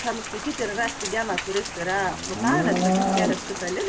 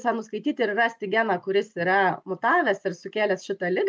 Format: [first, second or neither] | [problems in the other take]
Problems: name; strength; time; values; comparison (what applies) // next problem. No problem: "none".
second | background sound (Livestock, farm animals, working animals + Rain); 1 dB above the speech